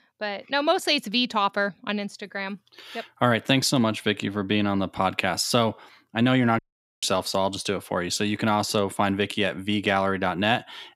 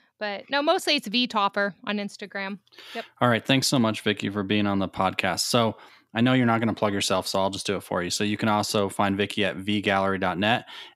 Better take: second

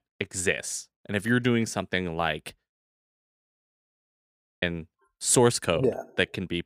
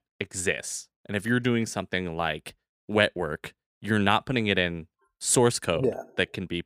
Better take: second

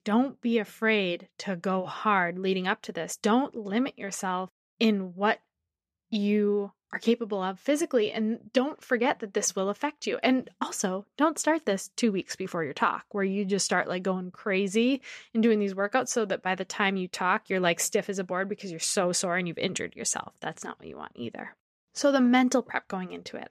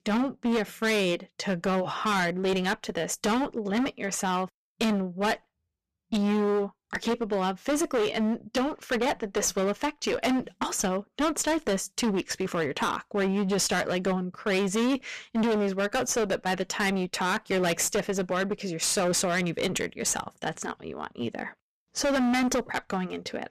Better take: first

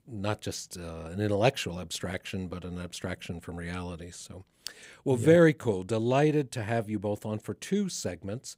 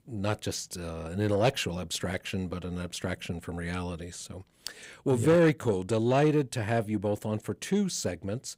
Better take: first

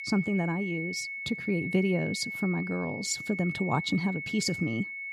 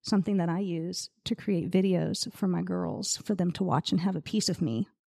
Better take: second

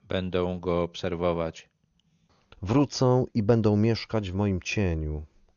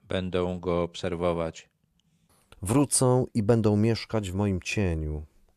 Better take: second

